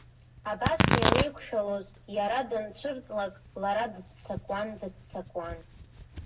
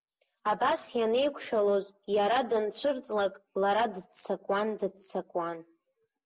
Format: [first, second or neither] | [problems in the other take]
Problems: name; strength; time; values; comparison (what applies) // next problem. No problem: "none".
second | background sound (Tearing); as loud as the speech // room echo; dies away in 0.3 s